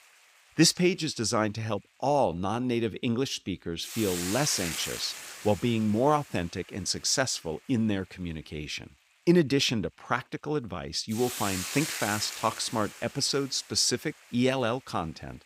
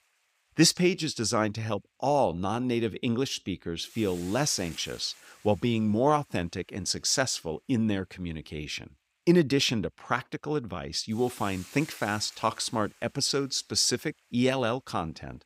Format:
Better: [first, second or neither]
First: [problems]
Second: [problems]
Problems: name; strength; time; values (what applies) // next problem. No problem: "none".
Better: second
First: hiss; loud; throughout; 8 dB below the speech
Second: hiss; faint; throughout; 20 dB below the speech